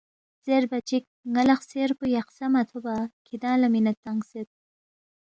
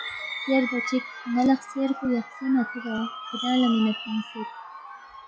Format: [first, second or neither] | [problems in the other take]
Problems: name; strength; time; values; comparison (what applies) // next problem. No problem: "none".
first | noise reduction (classical method log-MMSE)